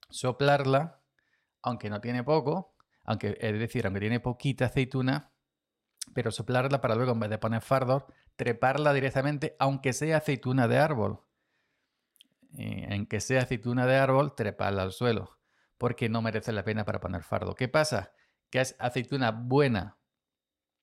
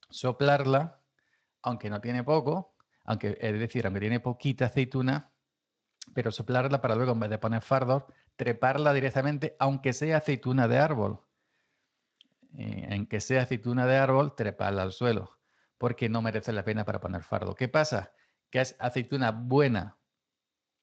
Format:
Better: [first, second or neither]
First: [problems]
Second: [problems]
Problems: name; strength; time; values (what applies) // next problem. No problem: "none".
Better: first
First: none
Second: garbled, watery; slightly